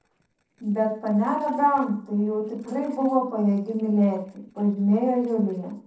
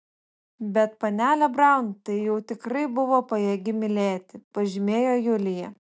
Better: second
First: noise reduction (neural separator model SepFormer DNS4)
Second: none

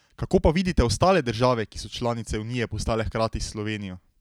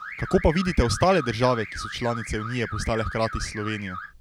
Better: first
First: none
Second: background sound (Alarm / Car); 11 dB below the speech

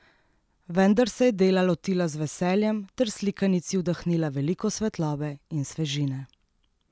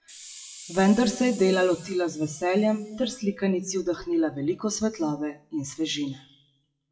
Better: first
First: none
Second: noise reduction (classical method WPE with log-MMSE)

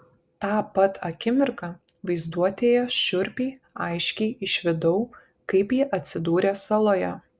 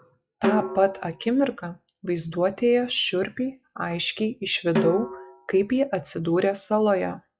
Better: first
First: none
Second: noise reduction (classical method log-MMSE)

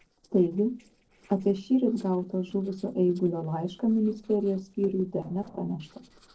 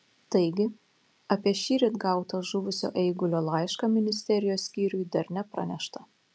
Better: second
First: noise reduction (neural separator model SepFormer DNS4)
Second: none

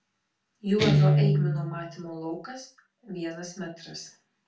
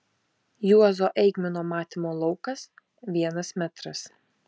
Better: second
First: background sound (Guitar); 5 dB above the speech // room echo; dies away in 0.3 s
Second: none

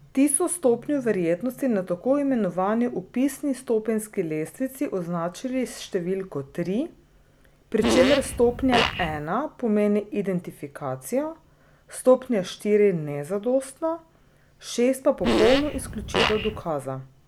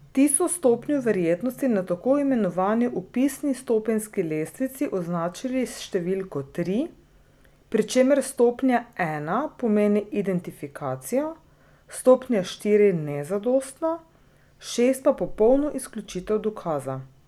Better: second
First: background sound (Fart); 1 dB below the speech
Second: none

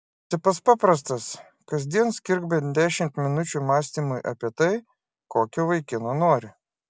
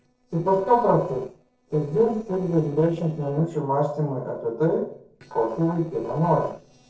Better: first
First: none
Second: noise reduction (neural separator model SepFormer DNS4)

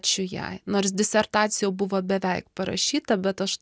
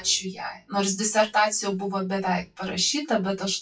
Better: first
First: none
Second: noise reduction (classical method WPE with log-MMSE)

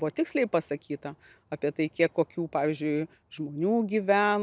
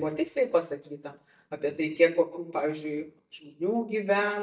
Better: first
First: none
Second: noise reduction (neural mask model DeepFilterNet 3)

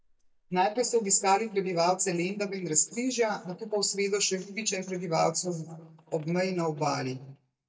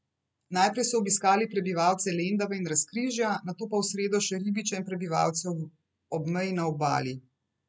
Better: second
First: noise reduction (neural mask model DeepFilterNet 3)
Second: none

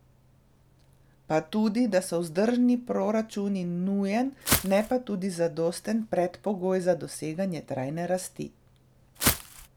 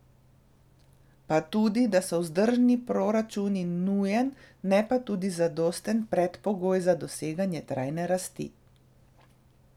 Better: second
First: background sound (Walk, footsteps); as loud as the speech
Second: none

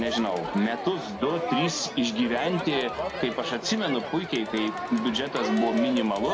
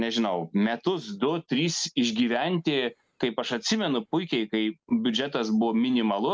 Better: second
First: background sound (Crowd); 5 dB below the speech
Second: none

